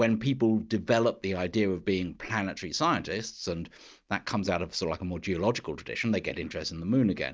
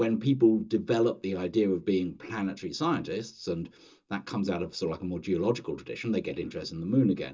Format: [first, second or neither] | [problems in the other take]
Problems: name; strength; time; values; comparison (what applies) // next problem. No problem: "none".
first | room echo; dies away in 0.2 s